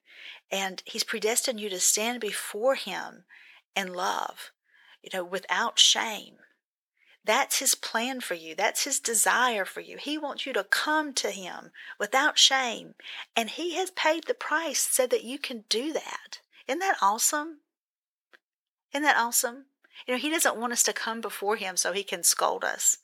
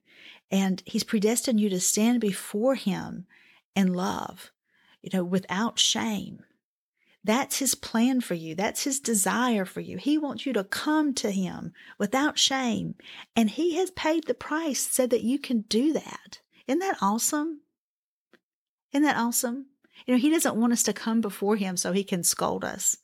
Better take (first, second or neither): second